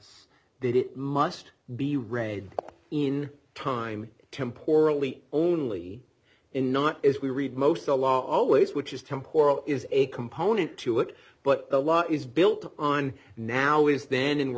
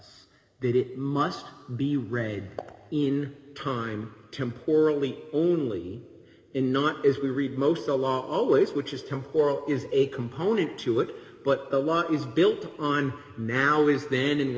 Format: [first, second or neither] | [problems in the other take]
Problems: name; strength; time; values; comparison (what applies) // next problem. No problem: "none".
first | room echo; dies away in 1.7 s